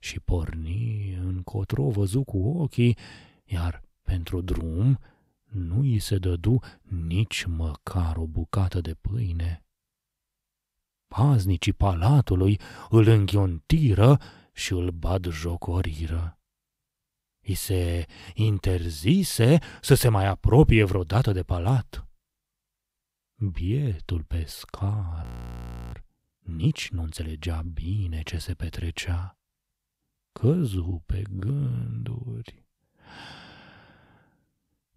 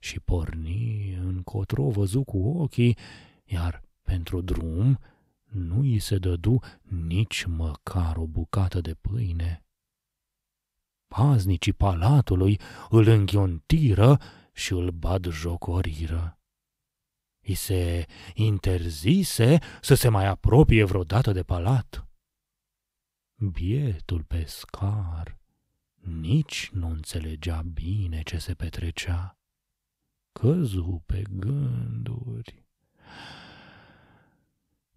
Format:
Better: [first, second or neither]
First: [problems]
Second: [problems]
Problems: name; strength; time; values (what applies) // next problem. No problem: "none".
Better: second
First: audio freezing; at 25 s for 0.5 s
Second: none